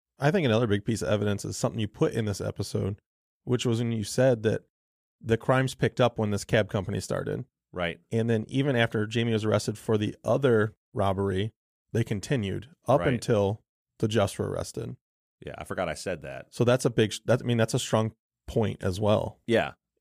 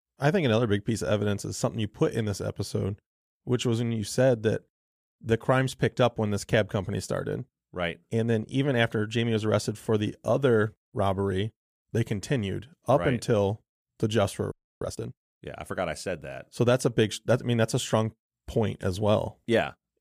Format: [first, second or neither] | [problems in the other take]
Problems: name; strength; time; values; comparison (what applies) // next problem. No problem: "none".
first | audio freezing; at 15 s